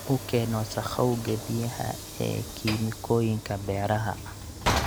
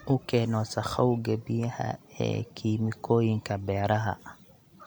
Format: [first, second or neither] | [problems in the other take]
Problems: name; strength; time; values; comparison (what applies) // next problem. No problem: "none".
second | background sound (Sliding door / Train); 6 dB below the speech